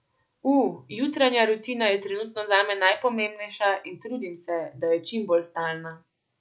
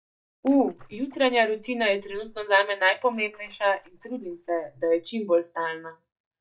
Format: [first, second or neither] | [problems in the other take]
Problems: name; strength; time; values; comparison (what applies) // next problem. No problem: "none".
first | noise reduction (neural mask model DeepFilterNet 3)